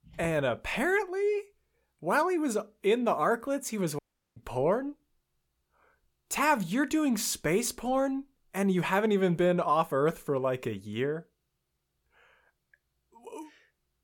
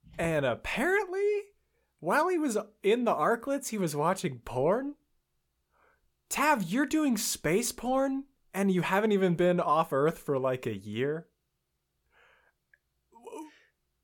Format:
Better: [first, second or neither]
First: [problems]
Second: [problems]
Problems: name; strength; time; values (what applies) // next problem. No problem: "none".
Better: second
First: audio cutting out; at 4 s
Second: none